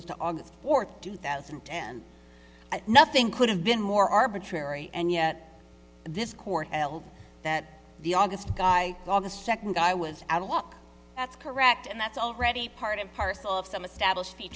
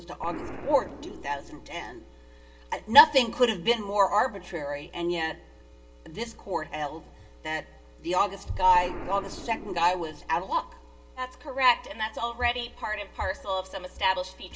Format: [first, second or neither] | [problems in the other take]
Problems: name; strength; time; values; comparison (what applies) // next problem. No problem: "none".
first | background sound (Explosion); 18 dB below the speech // room echo; dies away in 0.2 s